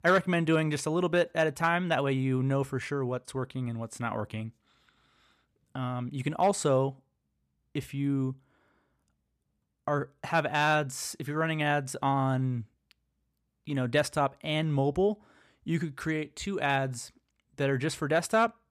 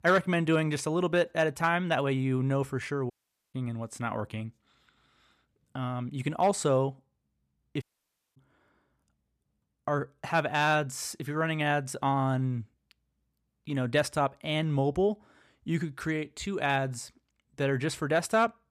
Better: first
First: none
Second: audio cutting out; at 3 s and at 8 s for 0.5 s

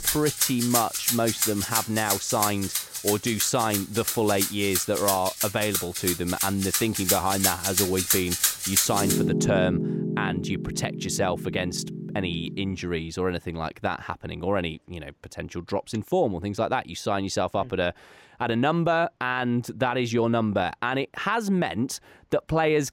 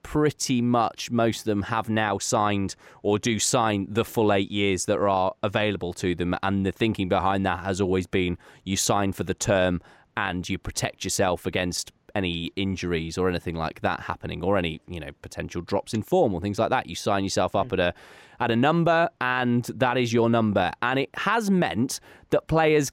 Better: second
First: background music; very loud; until 13 s; as loud as the speech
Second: none

